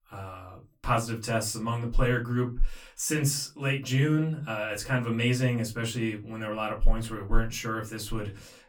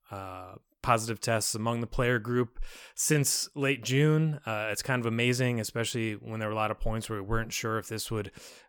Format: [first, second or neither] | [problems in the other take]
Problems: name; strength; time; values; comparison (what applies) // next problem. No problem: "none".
second | off-mic speech; far // room echo; very slight; dies away in 0.2 s